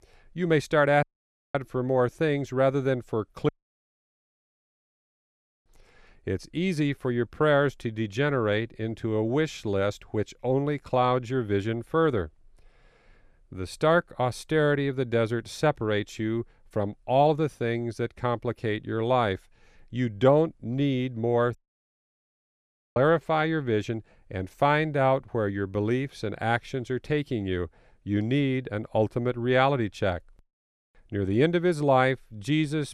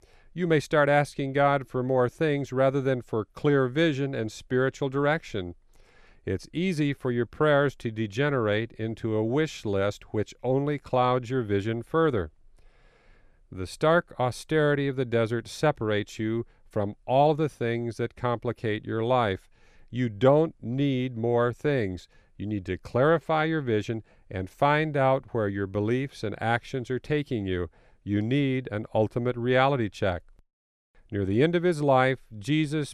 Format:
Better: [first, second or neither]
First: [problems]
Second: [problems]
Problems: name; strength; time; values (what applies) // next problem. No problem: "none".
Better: second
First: audio cutting out; at 1 s for 0.5 s, at 3.5 s for 2 s and at 22 s for 1.5 s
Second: none